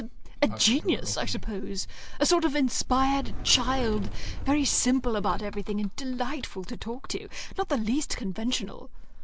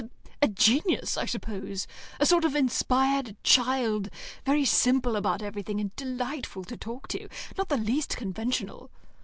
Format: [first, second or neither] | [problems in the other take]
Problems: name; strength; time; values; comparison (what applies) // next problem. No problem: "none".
second | background sound (Sliding door); 4 dB below the speech